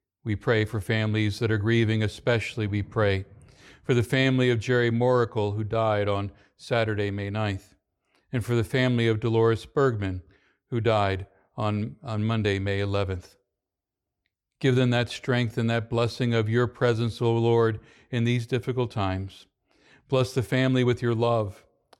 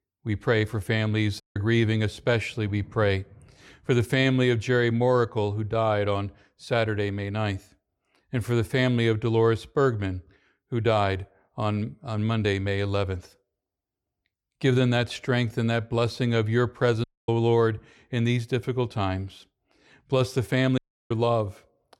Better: first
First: none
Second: audio cutting out; at 1.5 s, at 17 s and at 21 s

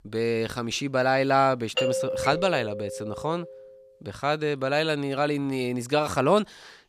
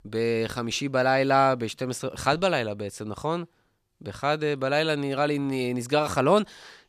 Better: second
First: doorbell; noticeable; from 2 to 3.5 s; peak level with the speech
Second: none

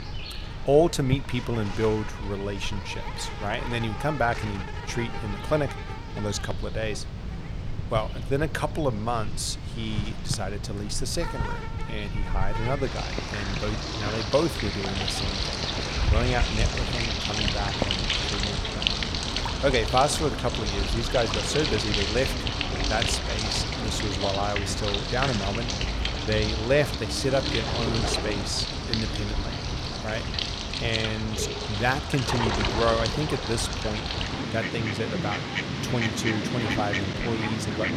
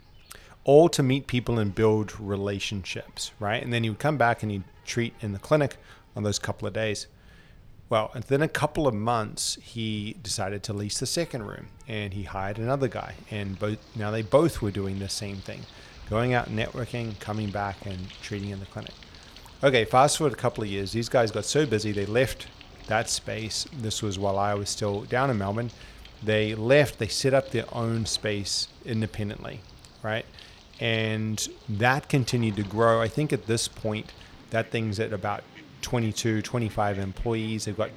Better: second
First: animal sounds; loud; throughout; as loud as the speech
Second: animal sounds; faint; throughout; 20 dB below the speech

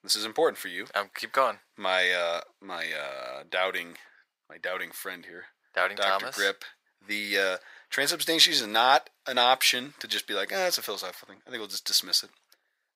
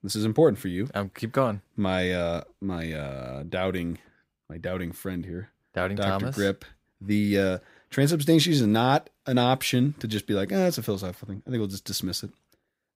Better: second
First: thin; very; fading below 850 Hz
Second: none

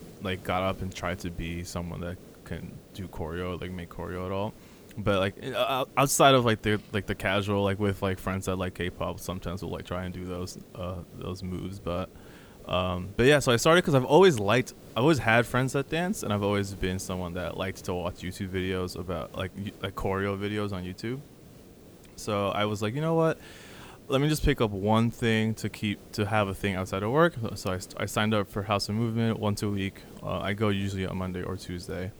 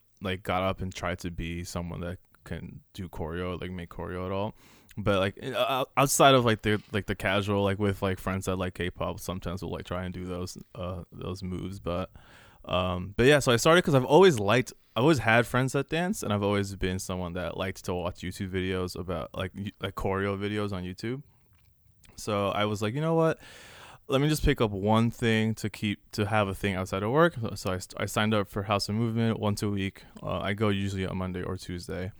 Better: second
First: hiss; faint; throughout; 20 dB below the speech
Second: none

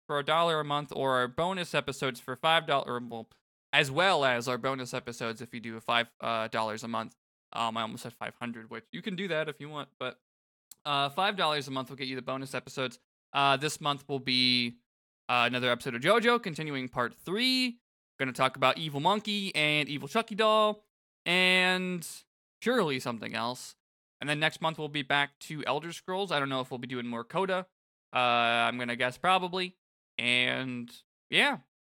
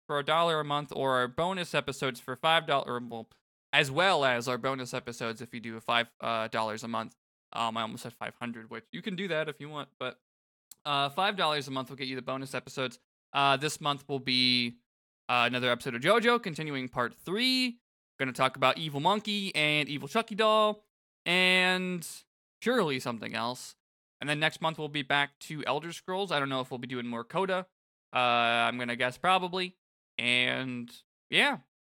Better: neither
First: none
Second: none

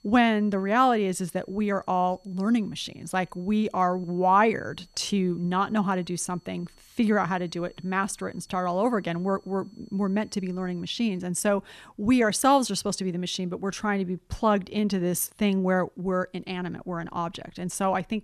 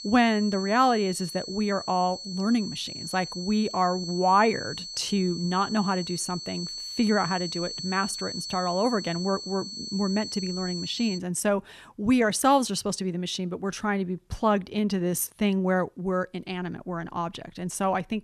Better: first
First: high-pitched whine; faint; until 11 s; 4.5 kHz, 35 dB below the speech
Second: high-pitched whine; loud; until 11 s; 4.5 kHz, 8 dB below the speech

